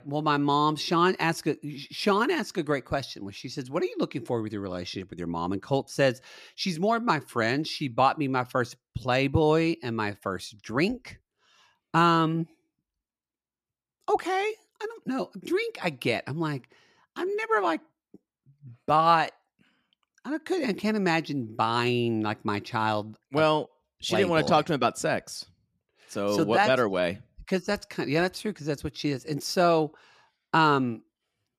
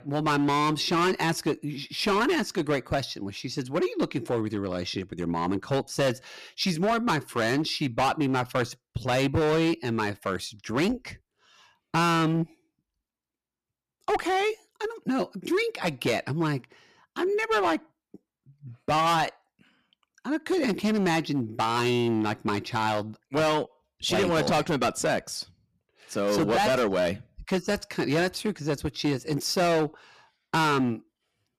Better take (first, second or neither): first